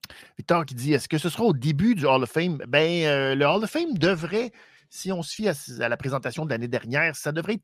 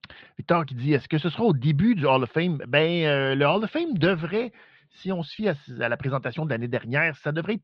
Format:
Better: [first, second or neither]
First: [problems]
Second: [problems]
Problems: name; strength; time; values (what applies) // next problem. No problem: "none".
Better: first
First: none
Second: muffled; slightly; fading above 4 kHz